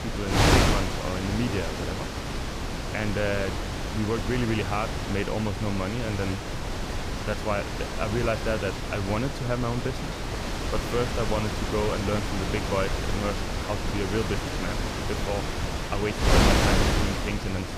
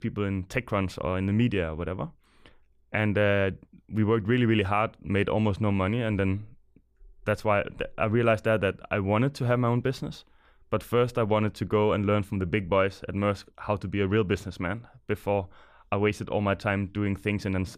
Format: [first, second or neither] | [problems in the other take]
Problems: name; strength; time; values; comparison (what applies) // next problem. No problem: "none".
second | wind noise on the microphone; heavy; 2 dB above the speech